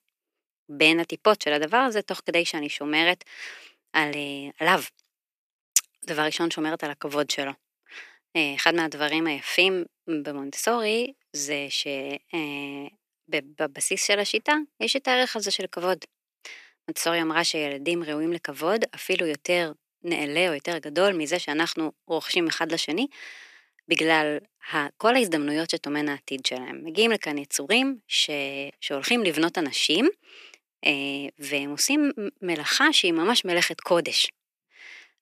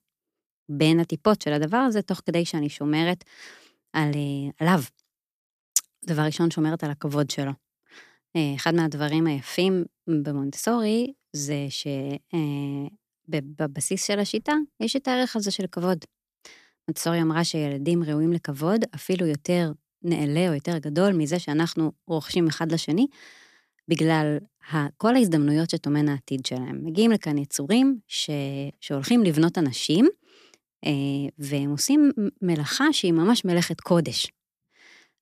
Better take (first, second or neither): second